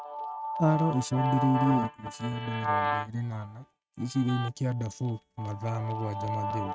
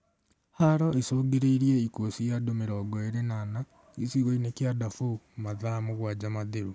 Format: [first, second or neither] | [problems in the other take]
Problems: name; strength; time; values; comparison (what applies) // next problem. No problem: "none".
second | noise reduction (neural mask model RNNoise)